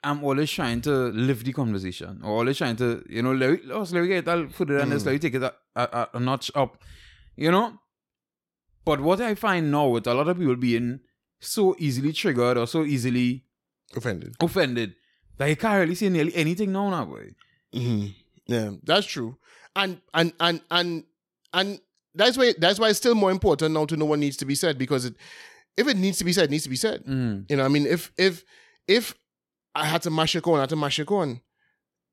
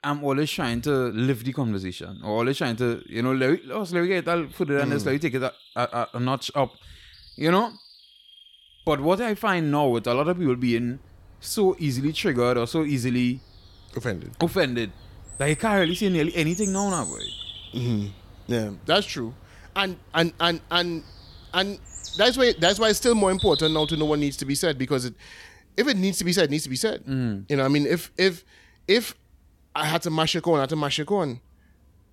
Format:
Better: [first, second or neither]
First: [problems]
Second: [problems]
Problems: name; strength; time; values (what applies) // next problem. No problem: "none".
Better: first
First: none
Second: animal sounds; noticeable; throughout; 10 dB below the speech